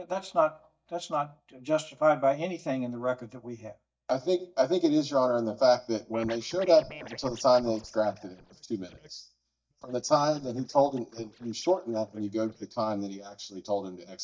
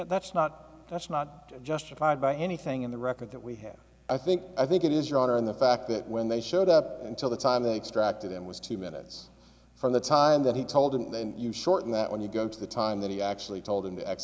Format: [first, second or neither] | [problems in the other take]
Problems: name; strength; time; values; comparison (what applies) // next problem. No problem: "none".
second | noise reduction (neural mask model DeepFilterNet 3)